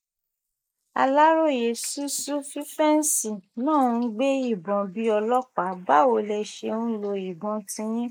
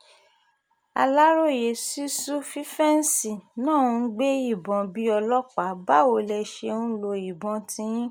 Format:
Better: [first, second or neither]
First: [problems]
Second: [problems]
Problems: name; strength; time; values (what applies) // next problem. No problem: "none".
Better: second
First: noise reduction (neural mask model Resemble Enhance denoiser)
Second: none